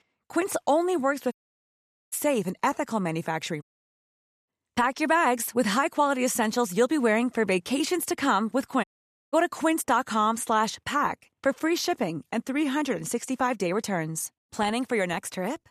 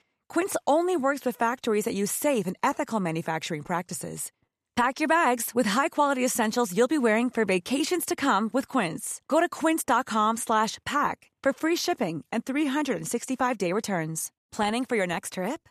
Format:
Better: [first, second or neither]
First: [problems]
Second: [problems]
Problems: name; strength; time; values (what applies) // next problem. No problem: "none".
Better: second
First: audio cutting out; at 1.5 s for 1 s, at 3.5 s for 1 s and at 9 s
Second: none